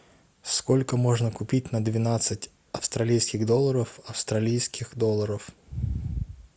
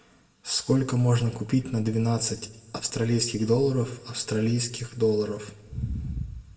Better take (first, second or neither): first